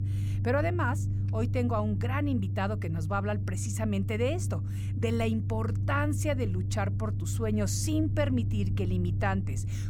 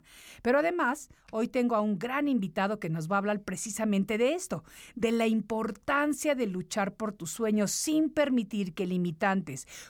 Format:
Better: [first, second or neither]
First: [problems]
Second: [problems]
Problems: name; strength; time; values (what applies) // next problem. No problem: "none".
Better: second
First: low rumble; noticeable; throughout; 10 dB below the speech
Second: none